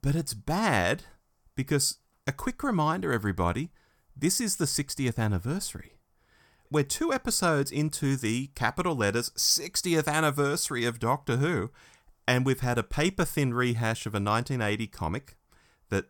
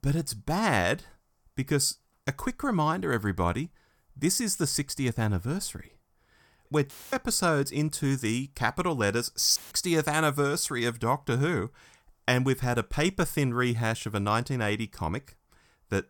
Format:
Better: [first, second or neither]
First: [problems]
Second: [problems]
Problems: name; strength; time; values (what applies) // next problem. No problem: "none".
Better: first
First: none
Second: audio cutting out; filled with static; at 7 s and at 9.5 s